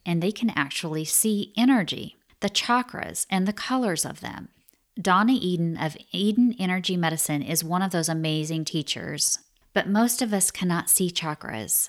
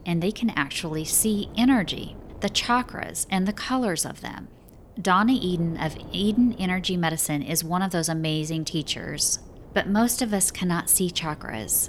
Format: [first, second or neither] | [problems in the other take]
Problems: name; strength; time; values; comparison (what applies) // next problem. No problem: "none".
first | wind noise on the microphone; occasional gusts; 25 dB below the speech